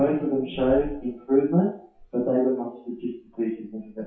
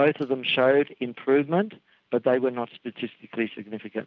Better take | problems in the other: second | noise reduction (classical method WPE with log-MMSE)

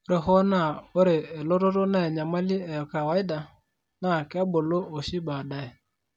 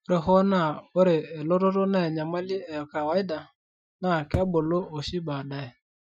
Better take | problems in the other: first | noise reduction (classical method Wiener filter)

